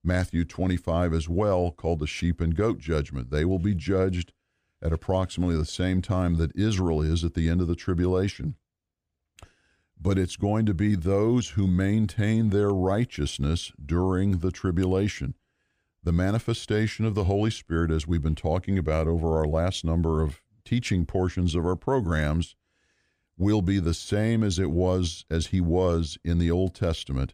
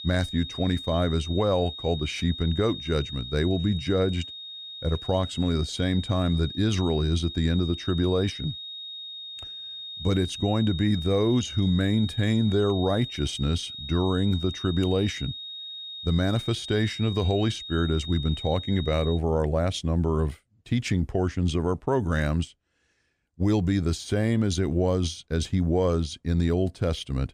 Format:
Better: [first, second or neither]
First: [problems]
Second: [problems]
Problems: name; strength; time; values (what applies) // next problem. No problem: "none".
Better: first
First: none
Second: high-pitched whine; loud; until 19 s; 3.5 kHz, 10 dB below the speech